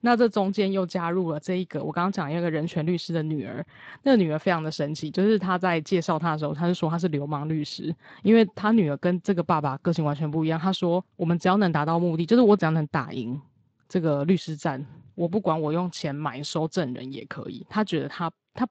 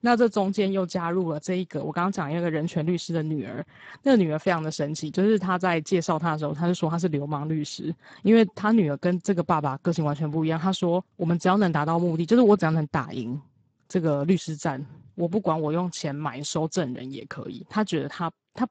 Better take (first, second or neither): first